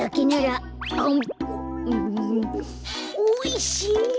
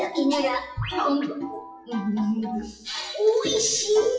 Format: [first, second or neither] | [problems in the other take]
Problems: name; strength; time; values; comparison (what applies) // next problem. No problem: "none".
first | noise reduction (classical method WPE with log-MMSE)